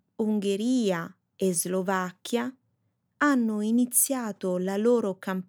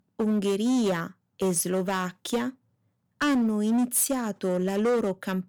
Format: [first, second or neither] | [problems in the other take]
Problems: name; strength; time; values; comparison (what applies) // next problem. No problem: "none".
first | distortion; slight; 12% of the sound clipped